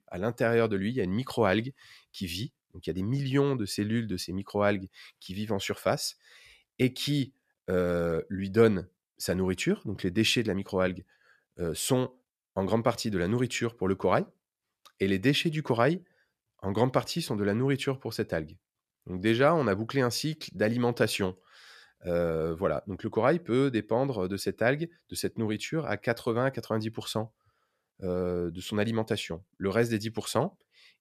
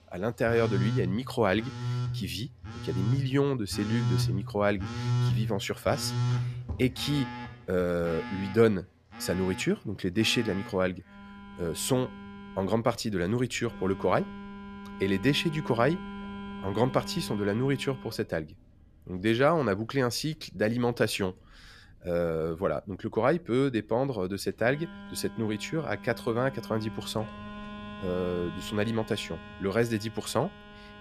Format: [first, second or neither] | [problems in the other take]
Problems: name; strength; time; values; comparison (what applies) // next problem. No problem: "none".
first | alarms or sirens; loud; throughout; 8 dB below the speech